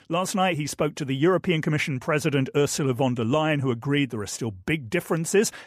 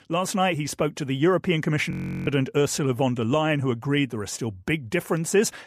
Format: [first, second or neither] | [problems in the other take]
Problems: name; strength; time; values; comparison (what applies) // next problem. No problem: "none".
first | audio freezing; at 2 s